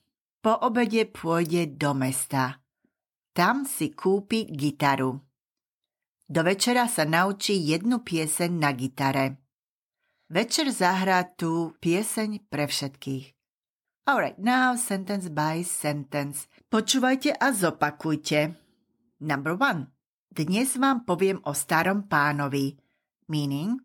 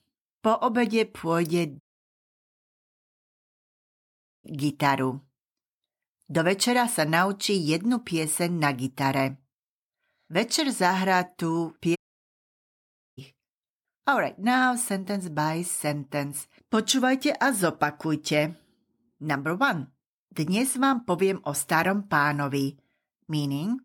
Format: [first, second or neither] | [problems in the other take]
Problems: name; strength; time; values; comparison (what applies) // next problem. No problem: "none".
first | audio cutting out; at 2 s for 2.5 s and at 12 s for 1 s